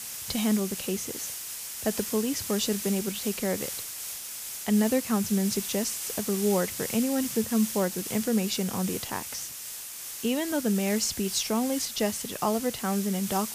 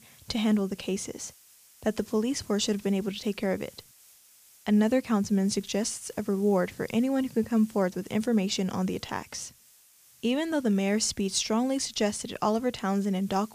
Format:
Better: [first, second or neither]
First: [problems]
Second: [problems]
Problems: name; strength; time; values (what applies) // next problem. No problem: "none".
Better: second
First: hiss; loud; throughout; 5 dB below the speech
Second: hiss; faint; throughout; 25 dB below the speech